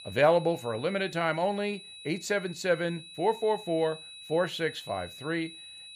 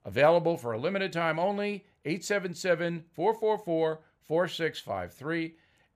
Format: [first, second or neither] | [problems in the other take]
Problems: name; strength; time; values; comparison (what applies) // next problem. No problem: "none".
second | high-pitched whine; noticeable; throughout; 4 kHz, 15 dB below the speech